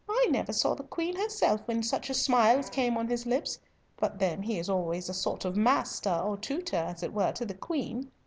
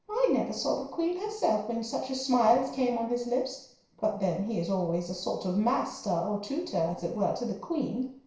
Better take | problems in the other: first | noise reduction (neural separator model SepFormer DNS4)

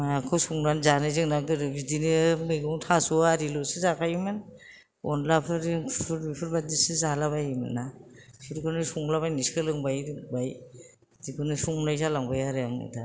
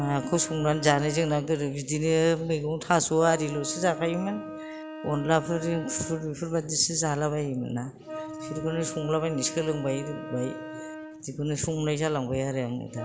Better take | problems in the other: first | background sound (Wind instrument, woodwind instrument); 13 dB below the speech

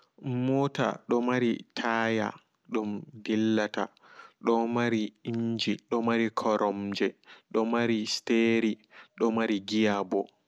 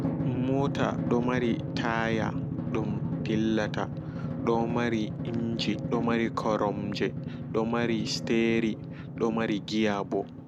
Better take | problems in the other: first | background sound (Drum); 4 dB below the speech

